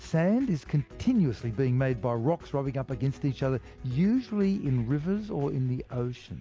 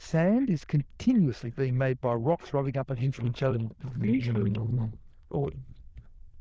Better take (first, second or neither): first